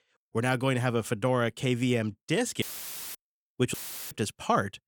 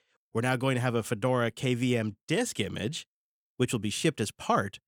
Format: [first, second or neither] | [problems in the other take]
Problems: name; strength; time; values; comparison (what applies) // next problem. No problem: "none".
second | audio cutting out; filled with static; at 2.5 s for 0.5 s and at 3.5 s